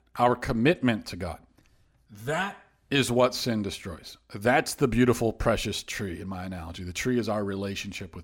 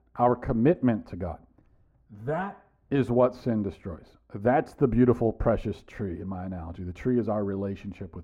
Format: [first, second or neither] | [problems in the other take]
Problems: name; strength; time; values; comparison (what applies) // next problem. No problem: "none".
first | muffled; very; fading above 2 kHz